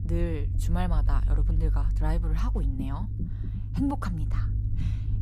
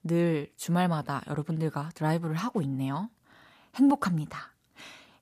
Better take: second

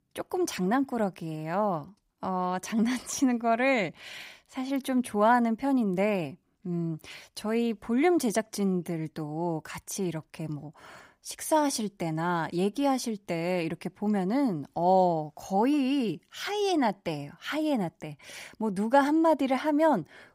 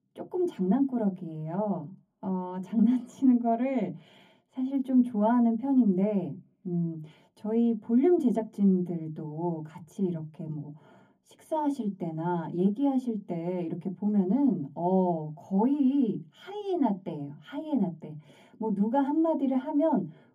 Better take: first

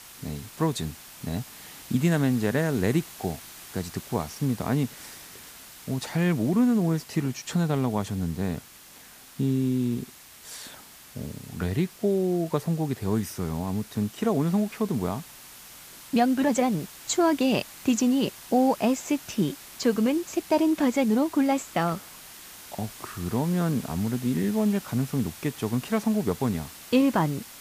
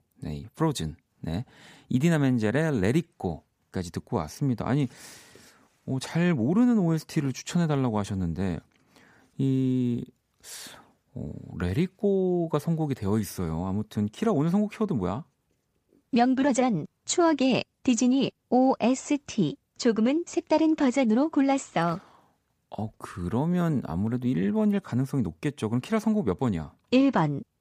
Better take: second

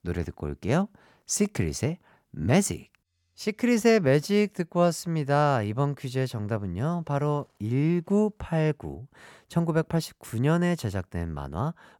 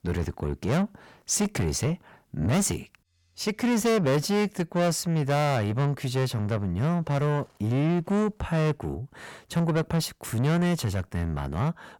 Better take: first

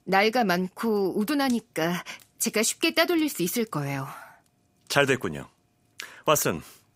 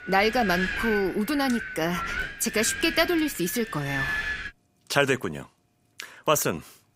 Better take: first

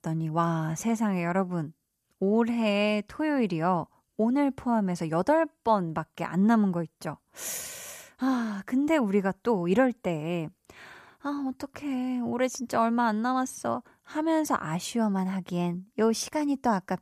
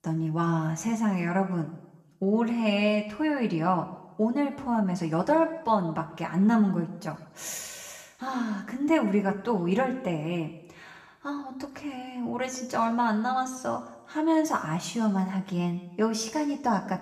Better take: first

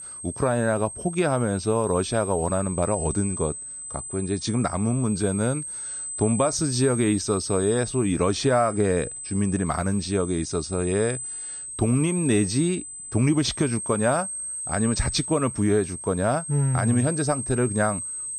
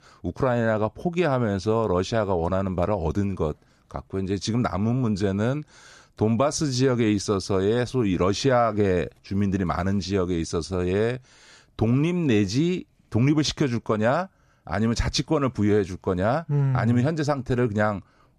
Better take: second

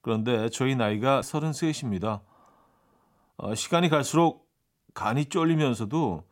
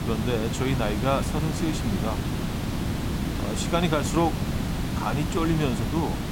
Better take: first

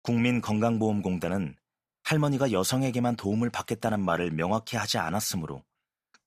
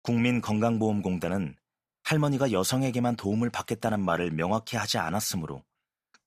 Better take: neither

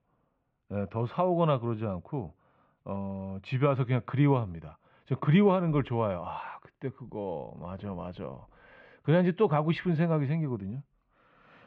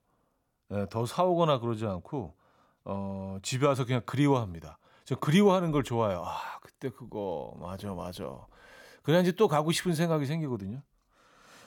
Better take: second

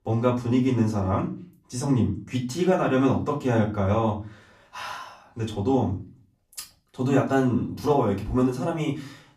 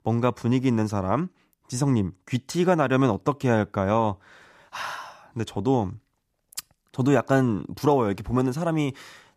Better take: second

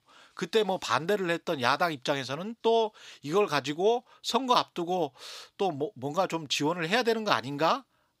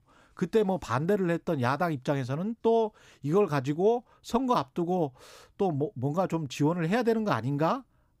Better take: second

